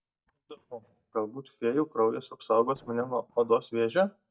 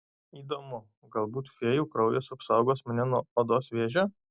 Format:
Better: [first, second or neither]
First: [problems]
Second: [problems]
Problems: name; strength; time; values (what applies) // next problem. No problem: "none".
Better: second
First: noise reduction (neural mask model DeepFilterNet 3)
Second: none